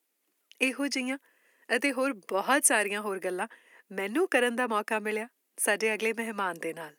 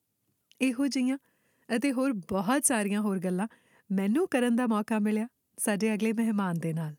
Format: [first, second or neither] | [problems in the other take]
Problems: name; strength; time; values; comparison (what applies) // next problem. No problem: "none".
second | thin; somewhat; fading below 350 Hz